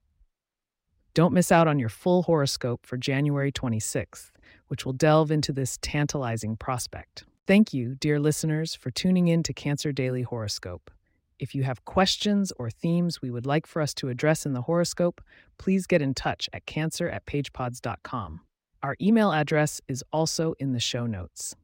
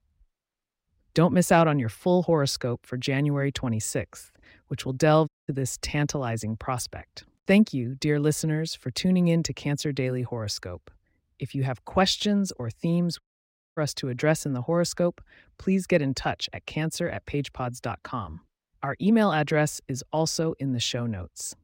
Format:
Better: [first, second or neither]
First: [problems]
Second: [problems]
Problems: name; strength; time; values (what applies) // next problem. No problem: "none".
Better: first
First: none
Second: audio cutting out; at 5.5 s and at 13 s for 0.5 s